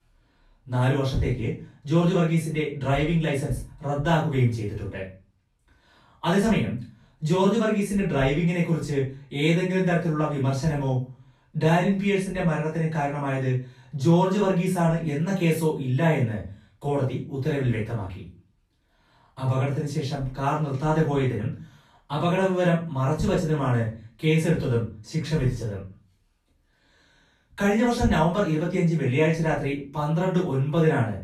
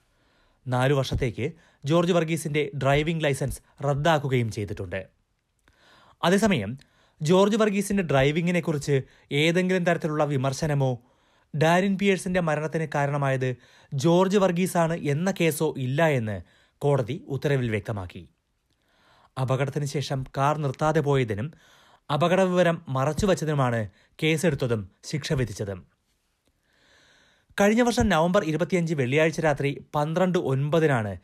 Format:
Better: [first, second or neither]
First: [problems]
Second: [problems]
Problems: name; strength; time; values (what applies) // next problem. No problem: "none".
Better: second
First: off-mic speech; far // room echo; noticeable; dies away in 0.3 s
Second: none